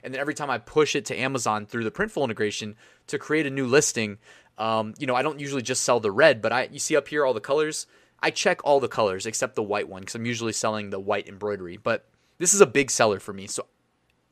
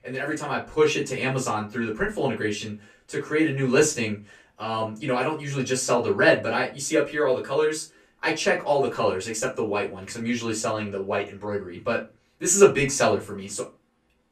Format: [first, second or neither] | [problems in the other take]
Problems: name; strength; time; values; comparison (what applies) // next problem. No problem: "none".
first | off-mic speech; far // room echo; very slight; dies away in 0.2 s